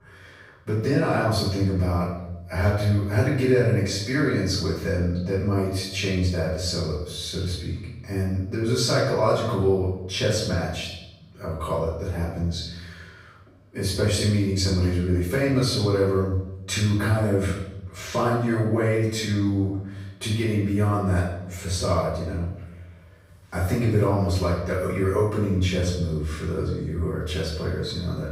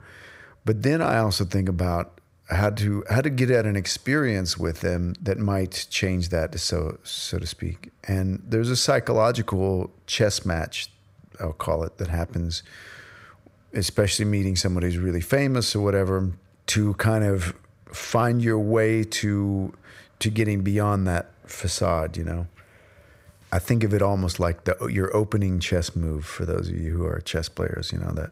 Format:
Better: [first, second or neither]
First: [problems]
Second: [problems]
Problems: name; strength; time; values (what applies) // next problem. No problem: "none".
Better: second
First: off-mic speech; far // room echo; noticeable; dies away in 0.8 s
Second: none